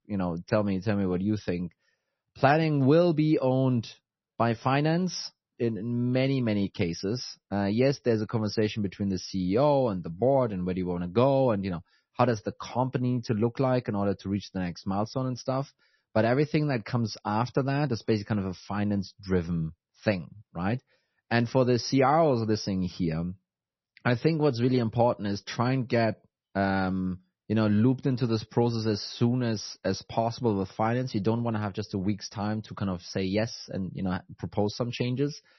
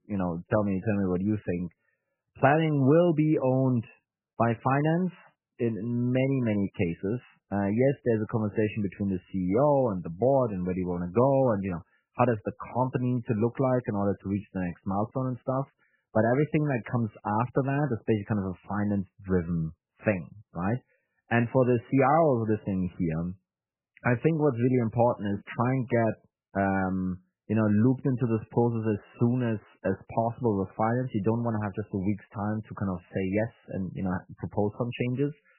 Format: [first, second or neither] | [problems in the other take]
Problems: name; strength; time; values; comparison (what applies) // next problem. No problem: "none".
first | garbled, watery; badly; nothing above 3 kHz; slightly in the first